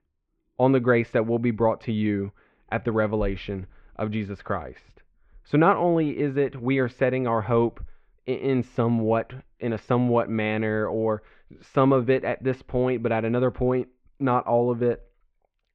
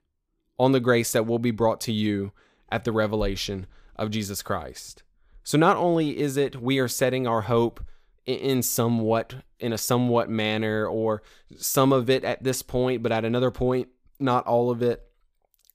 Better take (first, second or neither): second